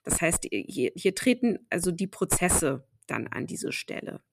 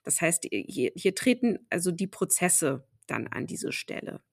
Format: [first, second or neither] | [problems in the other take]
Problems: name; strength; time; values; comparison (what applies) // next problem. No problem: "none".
second | distortion; slight; 6 dB below the speech